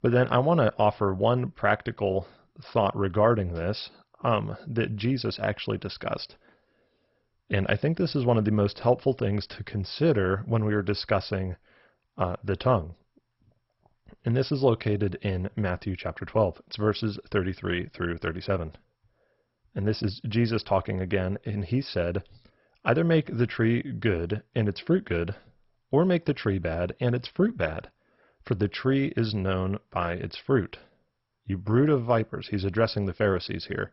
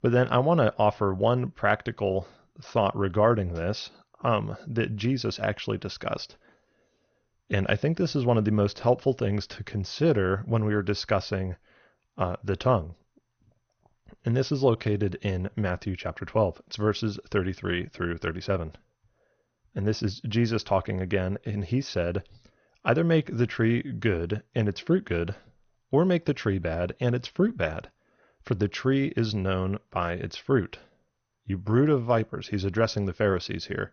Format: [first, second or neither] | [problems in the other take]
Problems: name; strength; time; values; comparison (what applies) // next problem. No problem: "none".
second | garbled, watery; badly; nothing above 5.5 kHz; slightly in the second